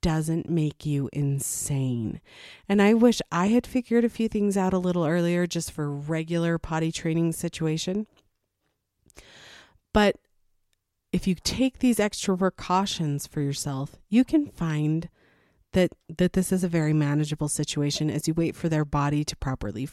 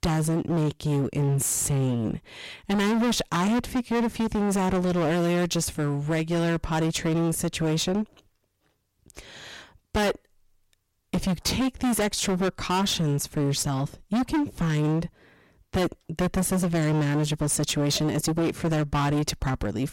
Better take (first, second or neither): first